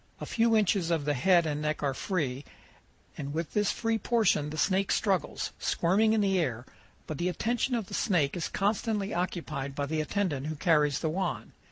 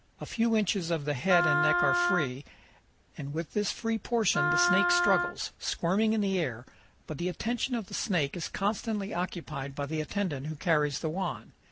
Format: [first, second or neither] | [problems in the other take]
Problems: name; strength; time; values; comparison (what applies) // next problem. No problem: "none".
first | background sound (Wind instrument, woodwind instrument); as loud as the speech